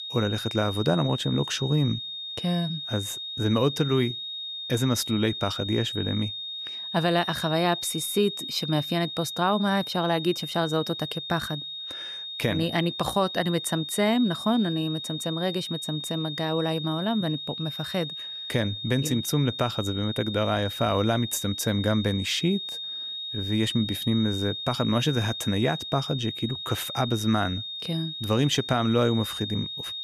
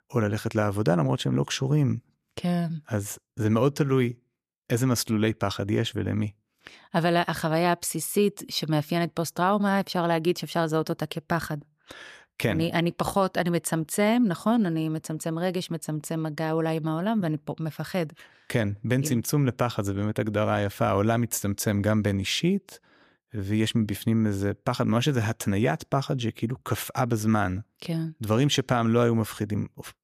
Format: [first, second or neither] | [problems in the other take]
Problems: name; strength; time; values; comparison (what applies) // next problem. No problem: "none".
second | high-pitched whine; loud; throughout; 3.5 kHz, 6 dB below the speech